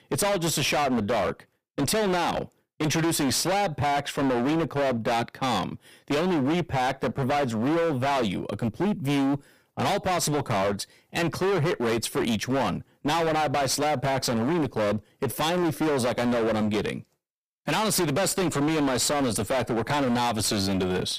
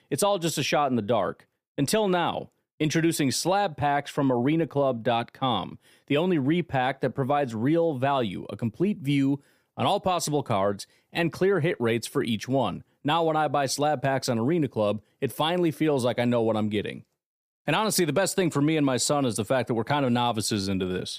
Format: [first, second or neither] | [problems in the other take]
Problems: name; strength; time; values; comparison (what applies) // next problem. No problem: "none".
second | distortion; heavy; 31% of the sound clipped